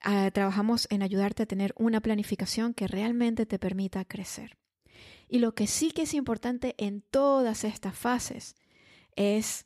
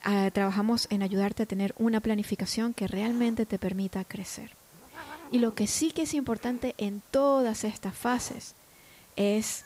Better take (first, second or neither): first